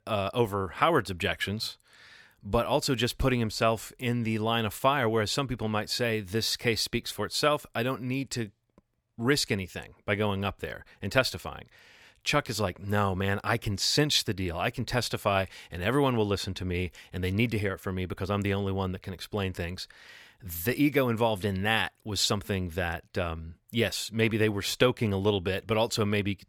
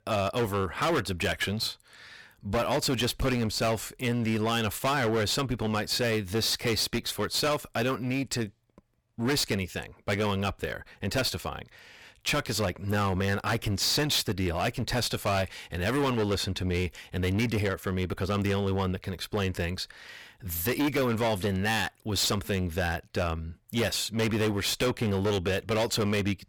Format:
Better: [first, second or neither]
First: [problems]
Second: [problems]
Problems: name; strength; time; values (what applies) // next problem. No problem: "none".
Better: first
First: none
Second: distortion; heavy; 17% of the sound clipped